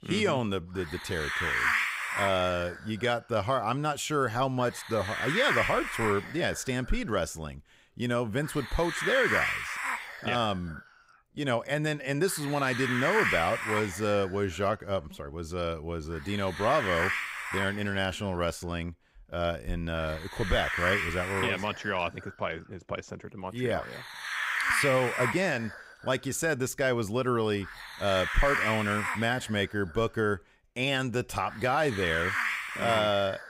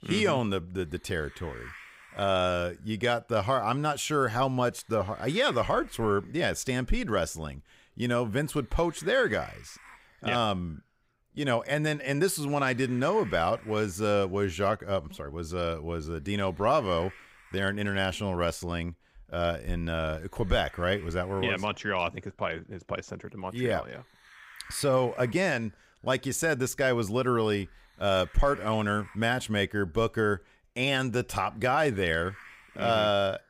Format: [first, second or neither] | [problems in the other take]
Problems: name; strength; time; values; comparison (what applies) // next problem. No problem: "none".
second | hiss; loud; throughout; 1 dB below the speech; faint in the second